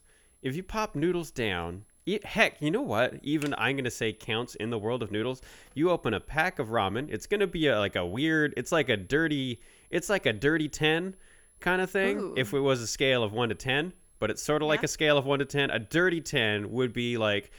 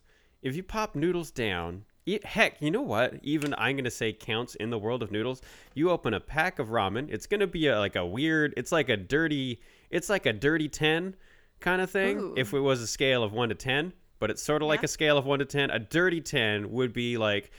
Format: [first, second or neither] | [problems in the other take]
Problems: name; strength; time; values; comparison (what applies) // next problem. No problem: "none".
second | high-pitched whine; faint; throughout; 11 kHz, 35 dB below the speech